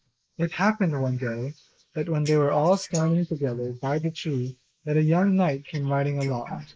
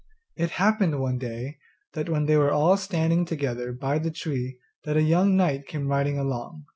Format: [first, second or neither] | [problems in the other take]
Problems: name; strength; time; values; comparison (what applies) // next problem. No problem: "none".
second | noise reduction (neural mask model Resemble Enhance denoiser)